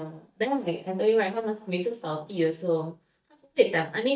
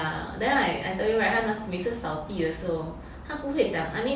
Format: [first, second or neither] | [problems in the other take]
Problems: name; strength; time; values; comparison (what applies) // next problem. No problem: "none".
second | noise reduction (neural mask model DeepFilterNet 3)